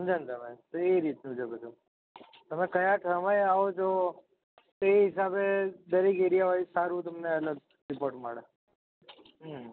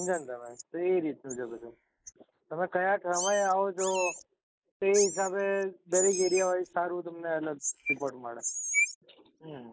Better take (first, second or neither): first